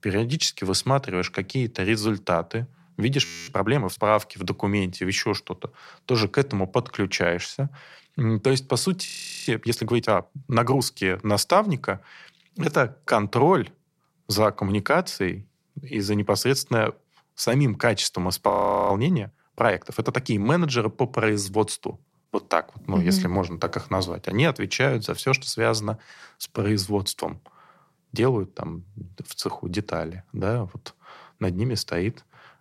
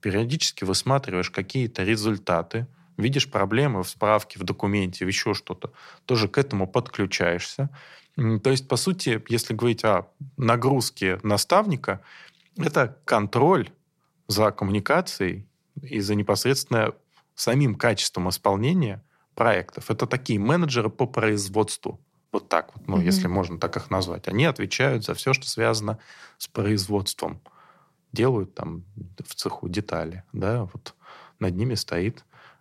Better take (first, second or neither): second